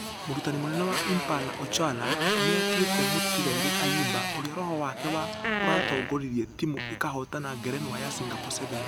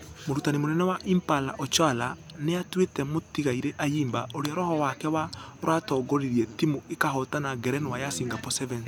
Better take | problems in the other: second | background sound (Fart + Motorcycle); 1 dB above the speech

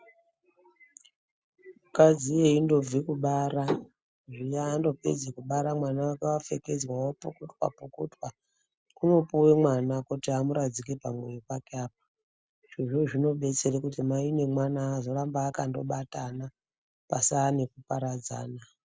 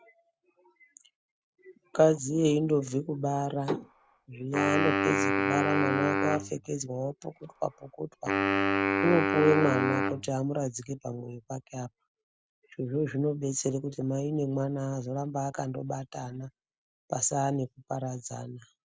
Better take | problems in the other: first | background sound (Wind instrument, woodwind instrument); 2 dB above the speech

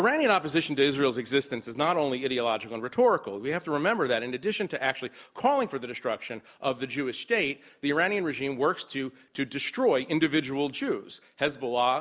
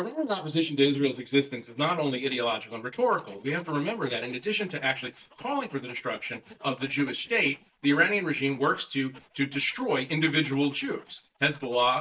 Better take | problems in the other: first | noise reduction (neural mask model DeepFilterNet 3)

